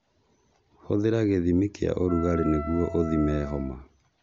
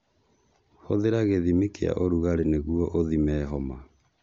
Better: second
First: background sound (Wind instrument, woodwind instrument); 12 dB below the speech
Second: none

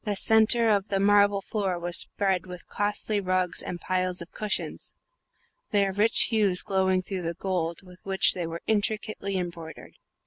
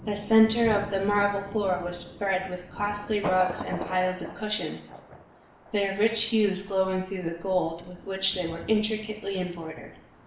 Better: first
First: none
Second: background sound (Thunder); 13 dB below the speech // room echo; dies away in 0.7 s

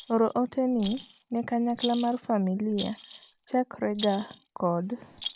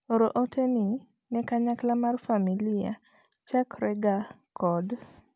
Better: second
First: background sound (Rattle); 15 dB below the speech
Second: none

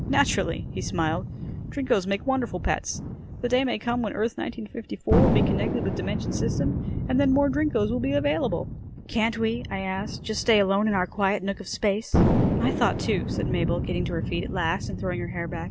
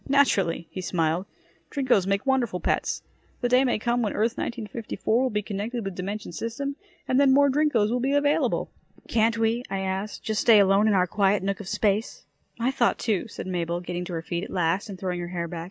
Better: second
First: background sound (Thunder); 2 dB below the speech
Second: none

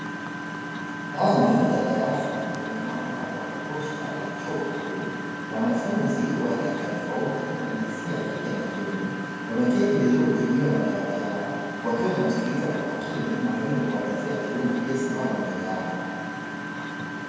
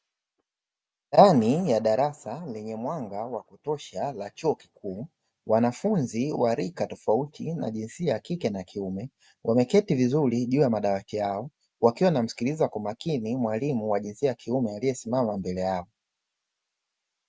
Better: second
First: background sound (Engine); 6 dB below the speech // room echo; dies away in 2.1 s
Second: none

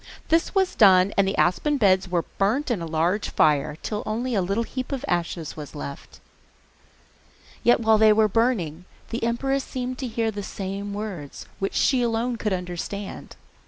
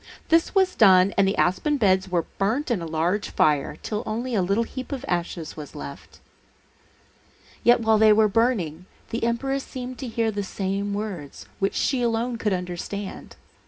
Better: first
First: none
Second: room echo; dies away in 0.3 s

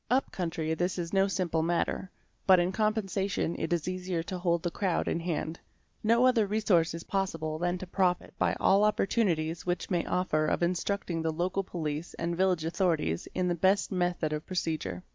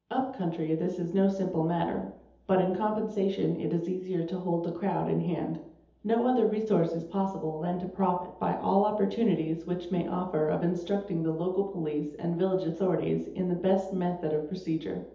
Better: first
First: none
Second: room echo; dies away in 0.8 s

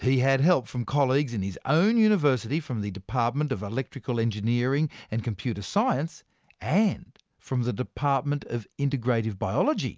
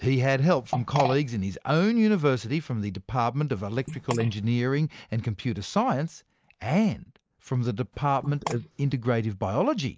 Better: first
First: none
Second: noise reduction (neural mask model Resemble Enhance denoiser)

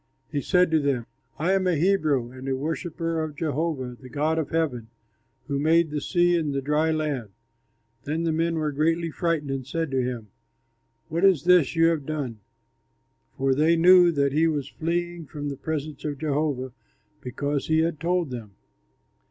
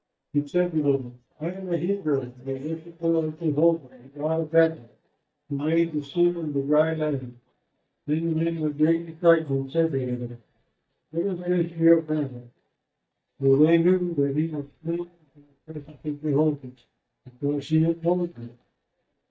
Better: first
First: none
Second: noise reduction (neural mask model DeepFilterNet 3)

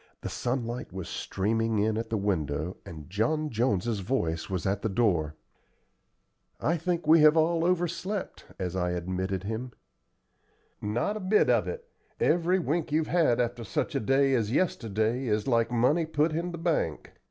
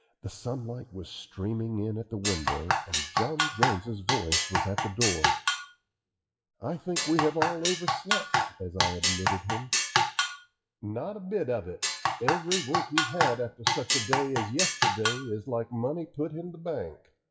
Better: first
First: none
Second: noise reduction (classical method WPE with log-MMSE)

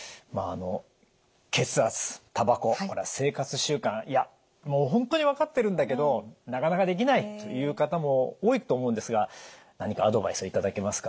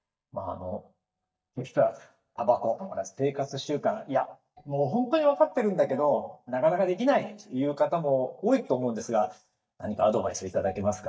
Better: first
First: none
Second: noise reduction (neural mask model DeepFilterNet 3)

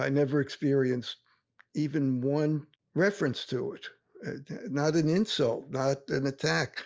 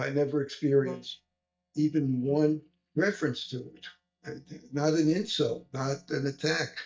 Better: first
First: none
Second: noise reduction (neural mask model DeepFilterNet 3)

